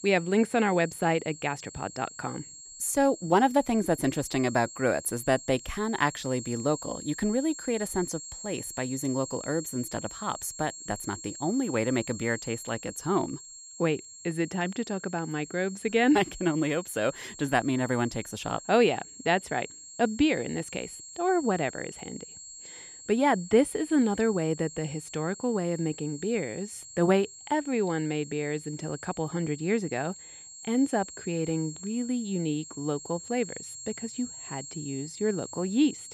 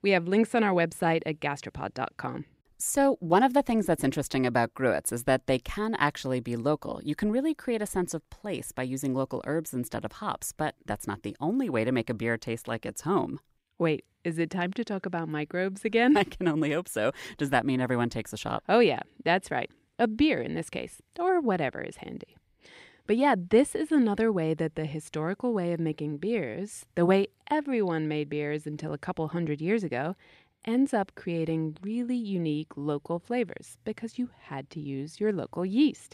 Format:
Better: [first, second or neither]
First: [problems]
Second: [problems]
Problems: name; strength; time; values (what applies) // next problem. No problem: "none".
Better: second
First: high-pitched whine; noticeable; throughout; 7.5 kHz, 15 dB below the speech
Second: none